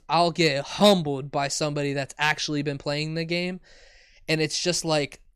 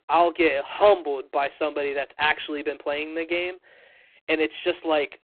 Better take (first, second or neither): first